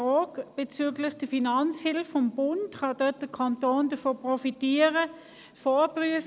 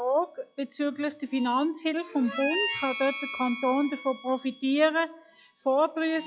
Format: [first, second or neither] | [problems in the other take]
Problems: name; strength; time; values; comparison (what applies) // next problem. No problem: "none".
first | noise reduction (classical method log-MMSE)